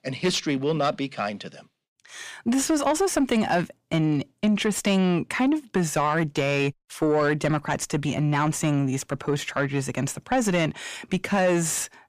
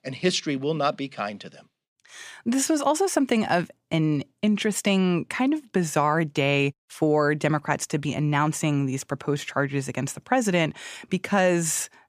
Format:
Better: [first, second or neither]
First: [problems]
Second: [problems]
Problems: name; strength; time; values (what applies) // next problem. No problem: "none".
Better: second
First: distortion; slight; 10 dB below the speech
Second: none